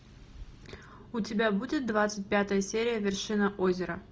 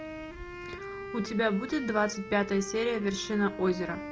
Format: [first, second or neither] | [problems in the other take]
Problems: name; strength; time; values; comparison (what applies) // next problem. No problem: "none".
first | background sound (Wind instrument, woodwind instrument); 11 dB below the speech